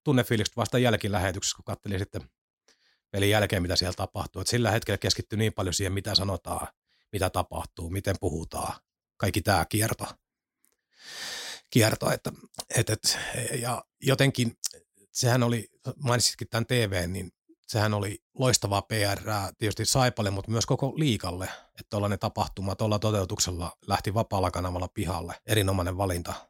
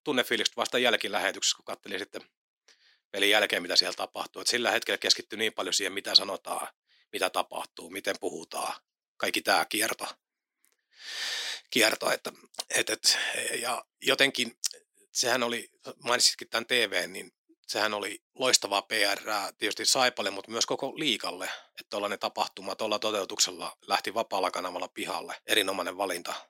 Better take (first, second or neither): first